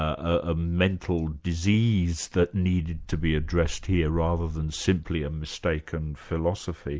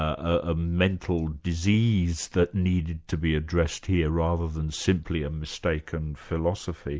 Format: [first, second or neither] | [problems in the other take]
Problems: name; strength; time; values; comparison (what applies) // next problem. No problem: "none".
second | background sound (Wind); 11 dB below the speech